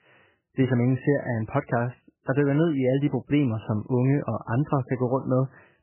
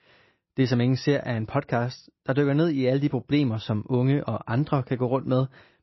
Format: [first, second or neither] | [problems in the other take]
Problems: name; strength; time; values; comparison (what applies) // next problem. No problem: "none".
second | garbled, watery; badly; nothing above 3 kHz; slightly in the second